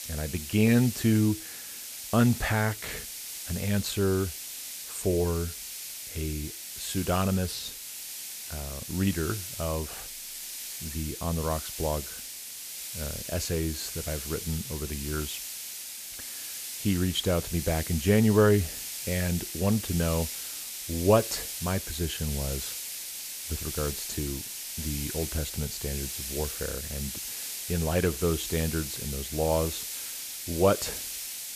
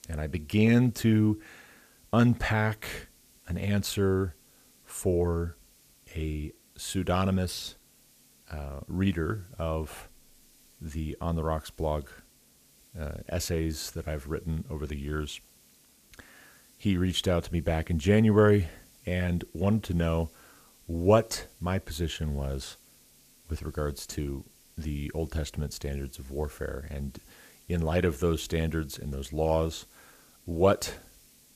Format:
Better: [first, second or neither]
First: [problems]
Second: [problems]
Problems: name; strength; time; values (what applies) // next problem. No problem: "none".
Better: second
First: hiss; loud; throughout; 6 dB below the speech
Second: hiss; faint; throughout; 30 dB below the speech